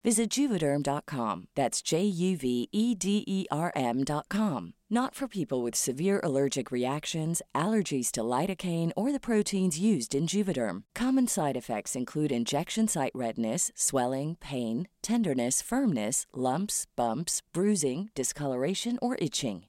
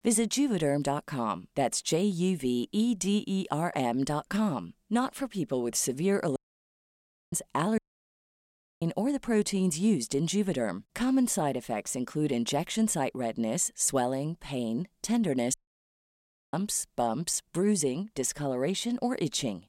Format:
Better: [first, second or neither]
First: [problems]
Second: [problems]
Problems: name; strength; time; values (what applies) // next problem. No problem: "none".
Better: first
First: none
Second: audio cutting out; at 6.5 s for 1 s, at 8 s for 1 s and at 16 s for 1 s